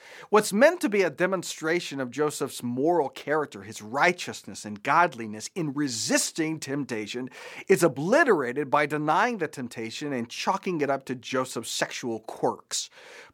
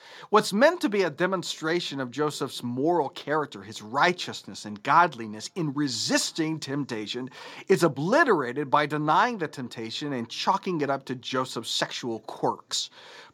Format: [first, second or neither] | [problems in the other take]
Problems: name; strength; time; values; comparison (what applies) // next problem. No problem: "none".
first | room echo; slight; dies away in 3 s